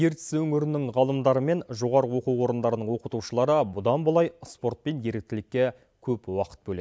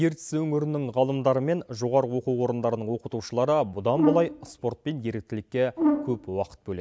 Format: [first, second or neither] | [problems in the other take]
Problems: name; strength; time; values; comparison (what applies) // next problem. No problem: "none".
first | background sound (Brass instrument); 1 dB below the speech